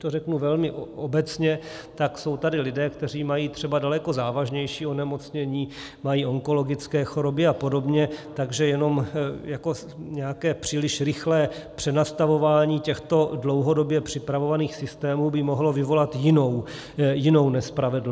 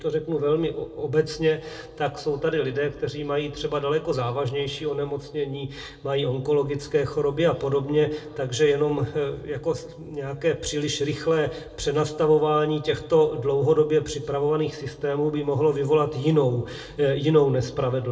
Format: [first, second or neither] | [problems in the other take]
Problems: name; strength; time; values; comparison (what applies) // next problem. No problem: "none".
first | room echo; dies away in 0.6 s